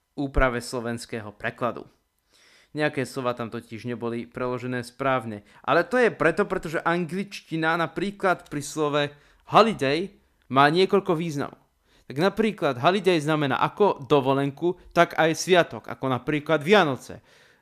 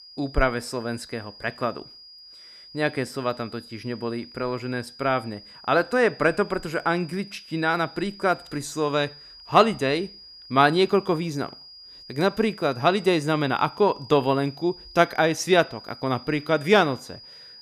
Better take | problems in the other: first | high-pitched whine; noticeable; throughout; 5 kHz, 20 dB below the speech

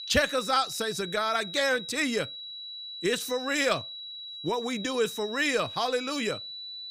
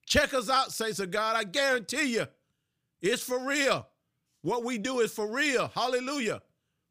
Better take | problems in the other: second | high-pitched whine; loud; throughout; 4 kHz, 9 dB below the speech

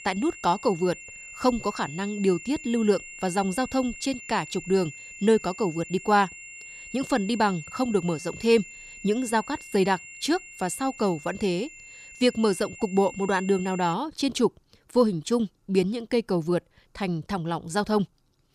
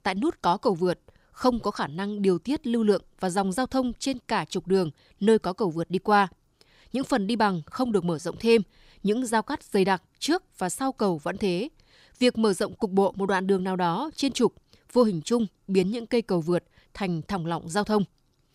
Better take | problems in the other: second | high-pitched whine; noticeable; until 14 s; 2.5 kHz, 15 dB below the speech

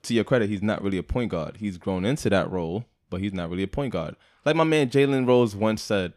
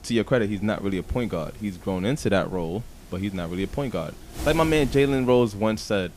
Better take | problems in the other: first | wind noise on the microphone; occasional gusts; 20 dB below the speech

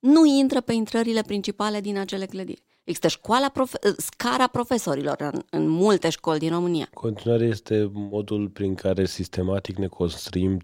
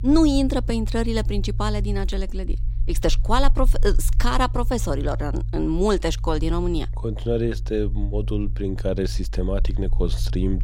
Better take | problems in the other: first | low rumble; faint; throughout; 20 dB below the speech

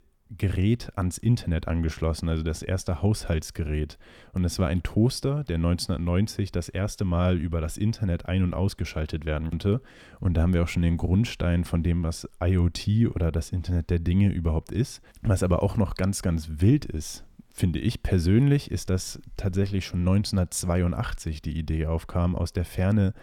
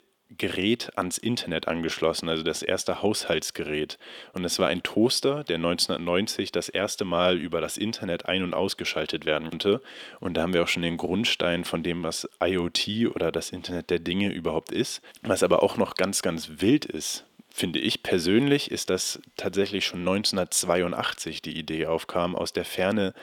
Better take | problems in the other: first | thin; somewhat; fading below 350 Hz

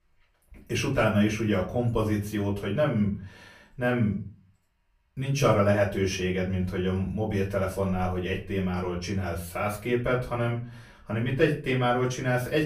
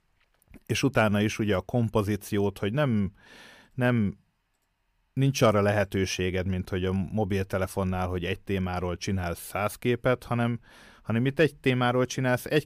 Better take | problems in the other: second | room echo; slight; dies away in 0.3 s // off-mic speech; far

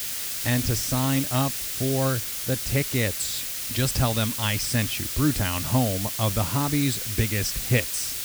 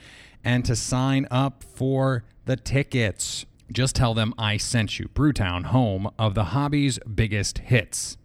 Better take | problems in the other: second | hiss; loud; throughout; 2 dB below the speech

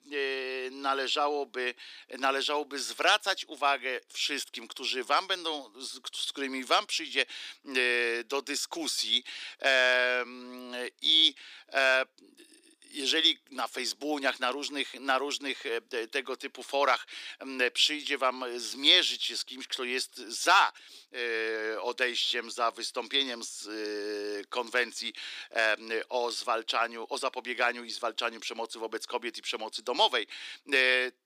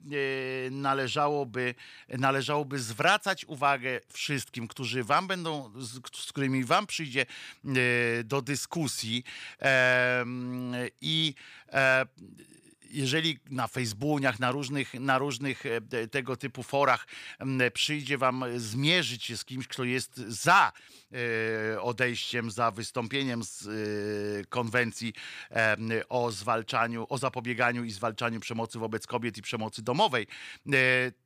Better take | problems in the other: second | thin; somewhat; fading below 300 Hz

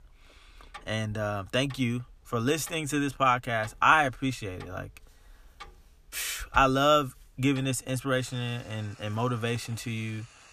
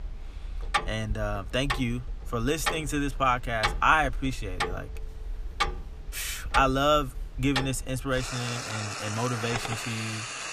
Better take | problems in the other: first | household noises; loud; throughout; 6 dB below the speech; faint in the first

